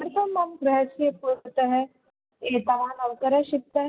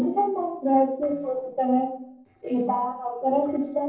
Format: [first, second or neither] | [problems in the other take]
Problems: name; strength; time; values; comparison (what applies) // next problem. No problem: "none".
first | noise reduction (neural separator model SepFormer DNS4)